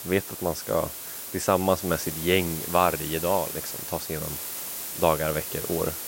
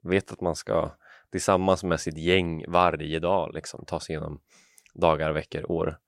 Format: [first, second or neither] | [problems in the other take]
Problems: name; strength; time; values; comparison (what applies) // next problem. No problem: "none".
second | hiss; loud; throughout; 5 dB below the speech